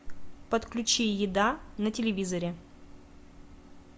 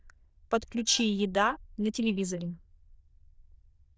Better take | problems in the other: first | noise reduction (neural diffusion model UNIVERSE++)

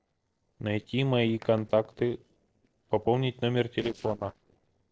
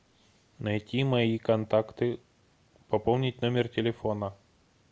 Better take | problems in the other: second | noise reduction (neural separator model SepFormer DNS4)

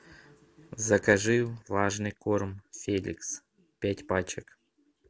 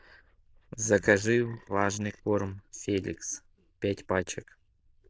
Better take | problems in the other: first | noise reduction (neural diffusion model UNIVERSE++)

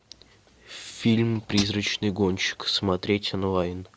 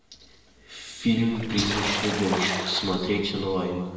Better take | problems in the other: first | background sound (Water / Splash, splatter); 6 dB below the speech // room echo; dies away in 1.1 s

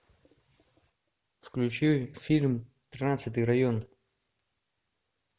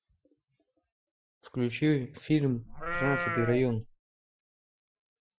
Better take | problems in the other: first | noise reduction (classical method Wiener filter)

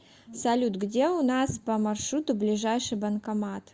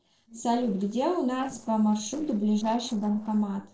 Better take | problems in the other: first | noise reduction (neural separator model SepFormer DNS4)

